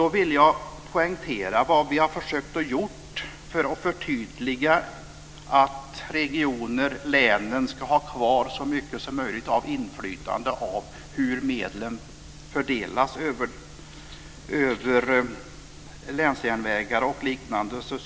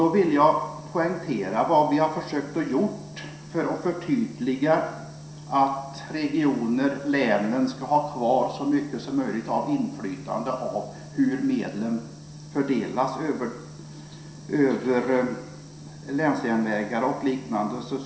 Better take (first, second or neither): first